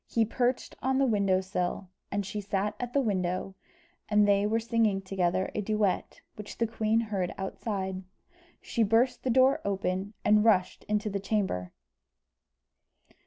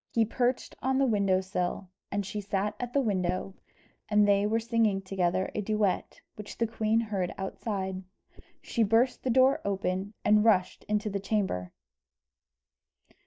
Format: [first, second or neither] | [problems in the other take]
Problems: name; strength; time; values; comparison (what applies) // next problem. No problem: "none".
first | noise reduction (neural mask model DeepFilterNet 3)